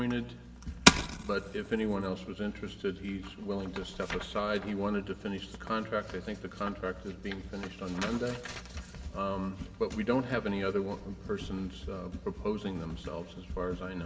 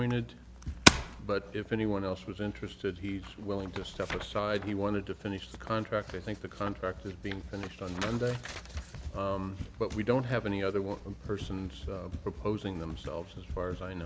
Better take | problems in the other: second | room echo; dies away in 2.1 s

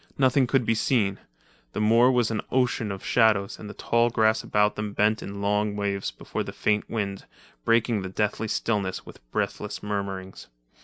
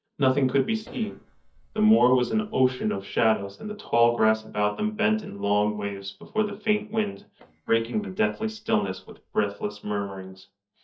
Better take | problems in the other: first | noise reduction (neural mask model DeepFilterNet 3)

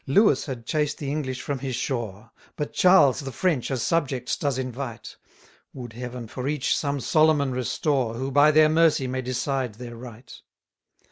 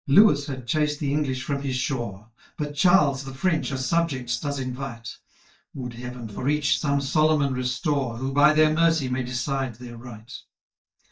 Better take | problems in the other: first | noise reduction (neural mask model DeepFilterNet 3)

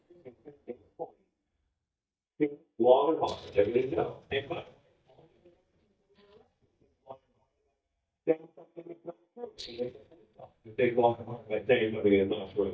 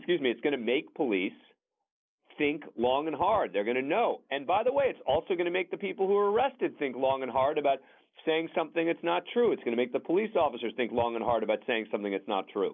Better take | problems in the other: second | noise reduction (neural mask model DeepFilterNet 3)

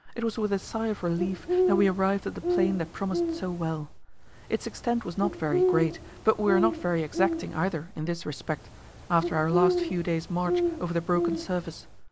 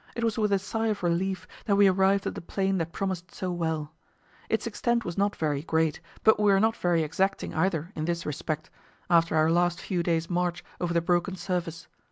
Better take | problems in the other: second | background sound (Bird); 2 dB below the speech

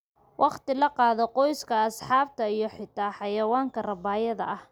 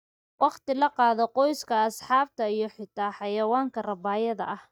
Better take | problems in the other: first | noise reduction (neural mask model DeepFilterNet 3)

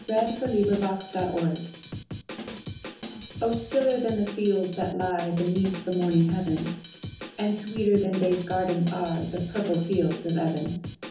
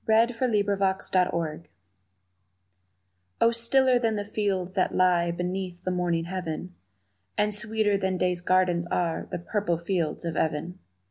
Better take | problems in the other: second | background sound (Drum kit); 12 dB below the speech // room echo; dies away in 0.6 s

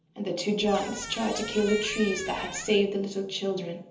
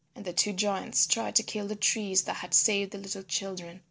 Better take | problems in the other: second | background sound (Squeak); 11 dB below the speech // room echo; dies away in 1.2 s

